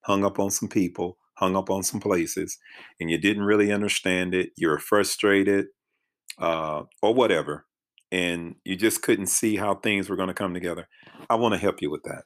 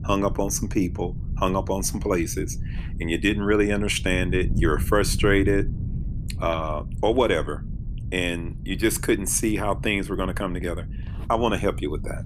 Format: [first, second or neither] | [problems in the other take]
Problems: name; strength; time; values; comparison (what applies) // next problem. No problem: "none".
first | wind noise on the microphone; occasional gusts; 20 dB below the speech